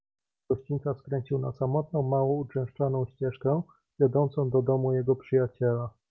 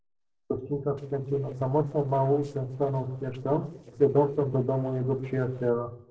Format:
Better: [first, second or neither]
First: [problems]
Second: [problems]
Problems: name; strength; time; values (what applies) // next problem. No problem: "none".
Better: first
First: none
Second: noise reduction (neural separator model SepFormer DNS4)